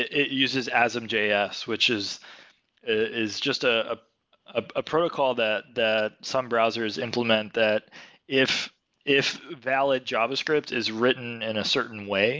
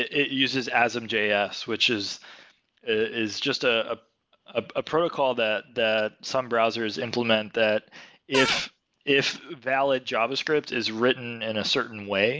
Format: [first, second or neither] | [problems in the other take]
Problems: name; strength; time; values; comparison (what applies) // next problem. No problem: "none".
first | background sound (Cupboard open or close / Door); 4 dB below the speech